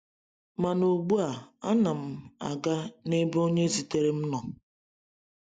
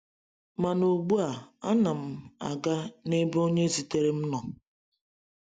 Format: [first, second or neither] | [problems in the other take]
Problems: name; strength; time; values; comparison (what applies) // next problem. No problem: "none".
second | noise reduction (neural mask model Resemble Enhance denoiser)